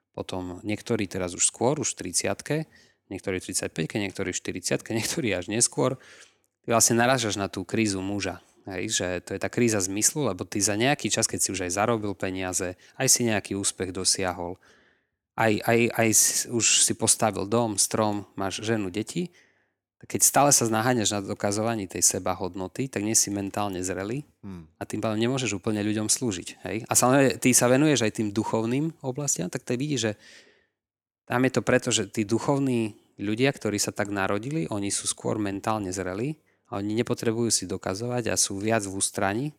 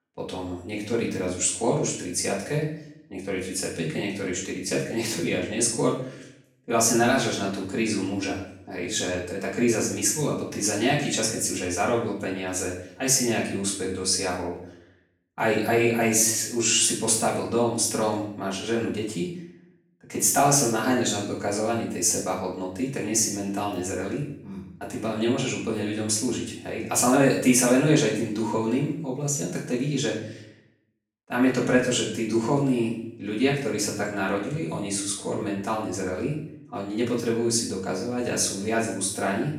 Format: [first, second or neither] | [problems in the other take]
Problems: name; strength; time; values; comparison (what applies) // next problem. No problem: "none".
first | off-mic speech; far // room echo; noticeable; dies away in 0.6 s